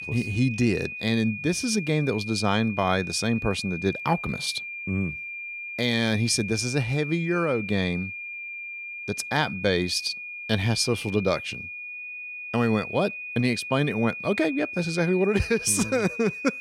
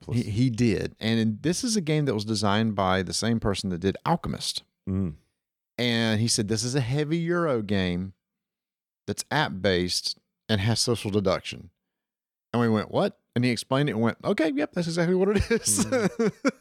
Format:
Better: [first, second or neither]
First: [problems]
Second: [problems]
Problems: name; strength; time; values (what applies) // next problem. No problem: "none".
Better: second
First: high-pitched whine; loud; throughout; 2.5 kHz, 8 dB below the speech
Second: none